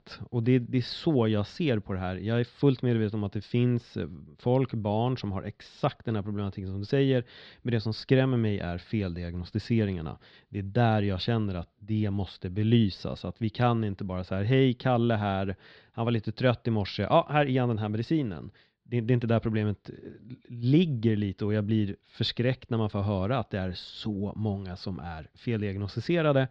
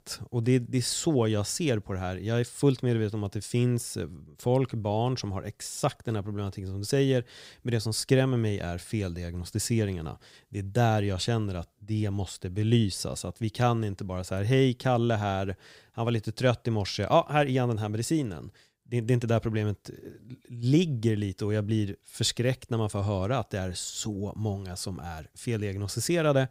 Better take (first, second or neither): second